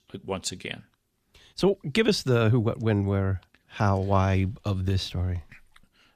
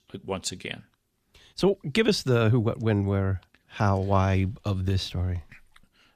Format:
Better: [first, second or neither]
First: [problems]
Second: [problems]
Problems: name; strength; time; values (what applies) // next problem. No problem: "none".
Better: neither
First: none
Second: none